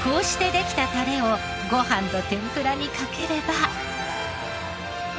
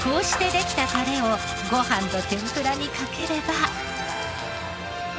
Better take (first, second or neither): first